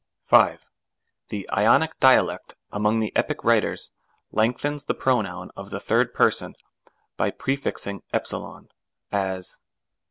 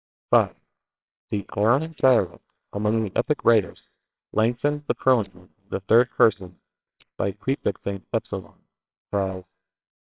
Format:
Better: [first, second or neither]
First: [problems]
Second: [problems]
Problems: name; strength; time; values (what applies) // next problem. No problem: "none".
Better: first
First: none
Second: noise reduction (neural separator model SepFormer WHAMR!)